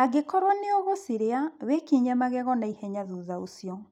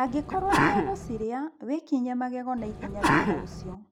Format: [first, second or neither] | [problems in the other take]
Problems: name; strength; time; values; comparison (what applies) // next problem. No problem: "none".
first | background sound (Sneeze); 3 dB above the speech